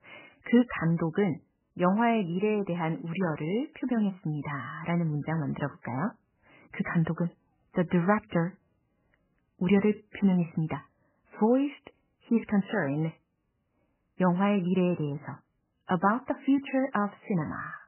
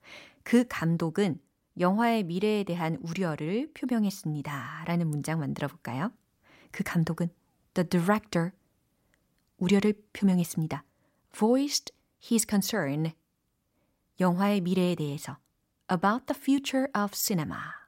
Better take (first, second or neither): second